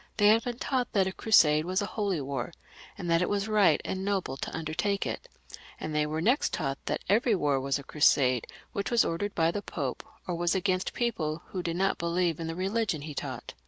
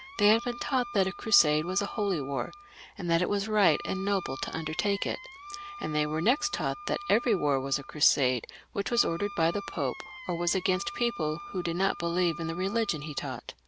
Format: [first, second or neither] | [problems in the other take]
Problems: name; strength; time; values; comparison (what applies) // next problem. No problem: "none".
first | background sound (Wind instrument, woodwind instrument); 14 dB below the speech